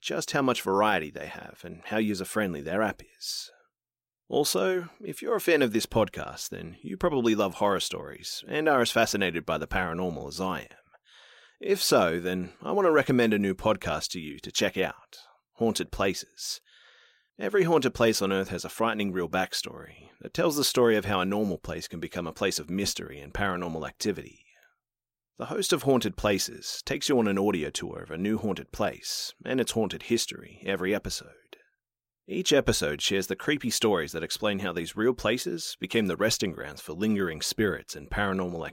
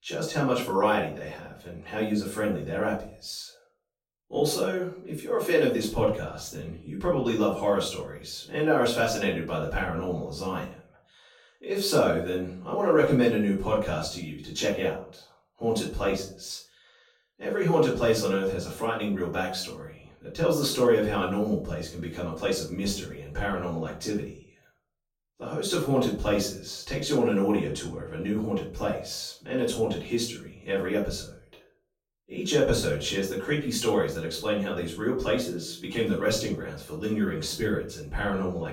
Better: first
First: none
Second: off-mic speech; far // room echo; noticeable; dies away in 0.4 s

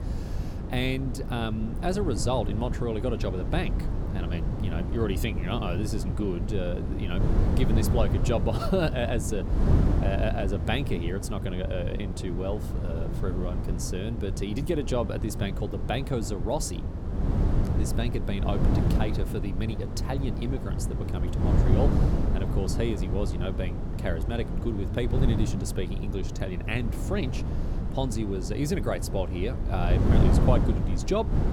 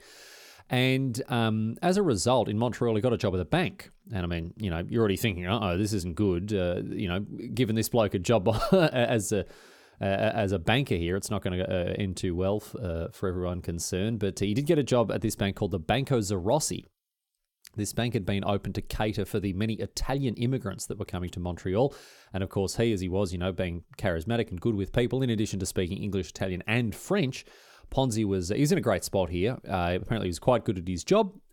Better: second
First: wind noise on the microphone; heavy; 5 dB below the speech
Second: none

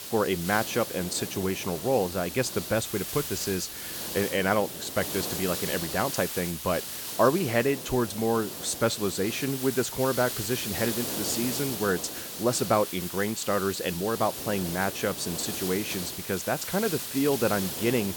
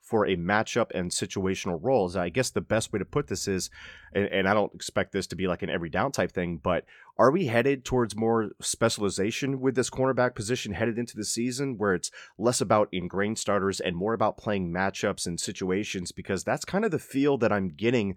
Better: second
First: hiss; loud; throughout; 5 dB below the speech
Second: none

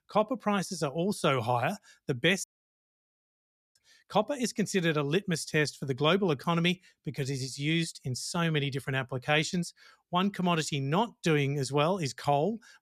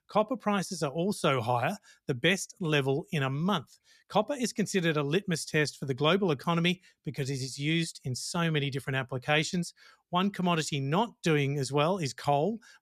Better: second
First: audio cutting out; at 2.5 s for 1.5 s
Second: none

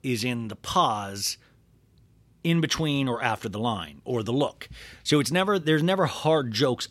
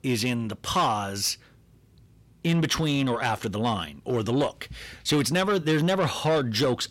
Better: first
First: none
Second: distortion; slight; 10 dB below the speech

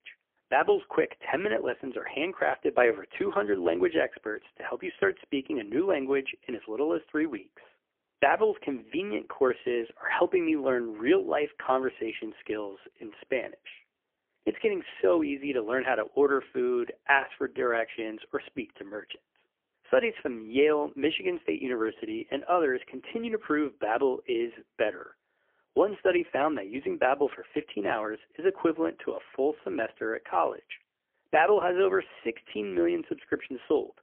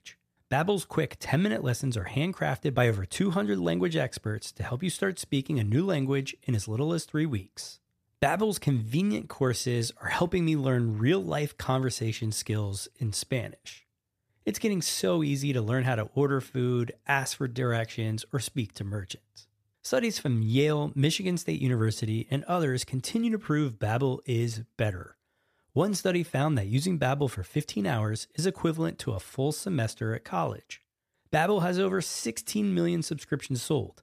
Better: second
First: phone-call audio; poor line; nothing above 3 kHz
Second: none

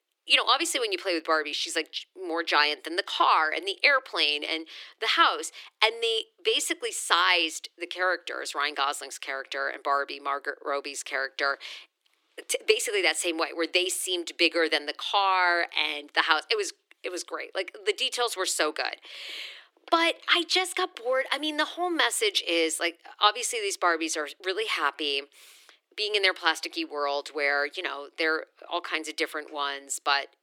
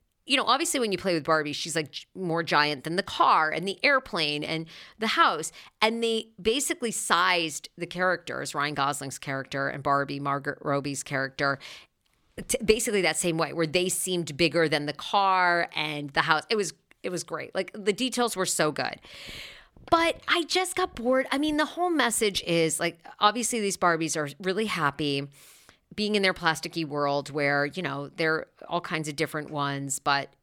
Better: second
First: thin; very; fading below 300 Hz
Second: none

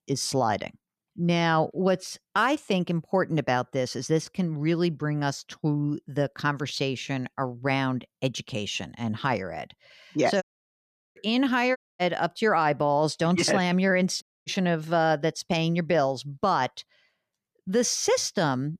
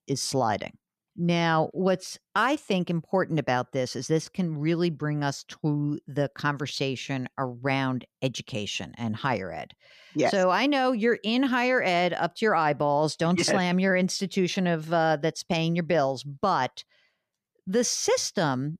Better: second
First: audio cutting out; at 10 s for 0.5 s, at 12 s and at 14 s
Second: none

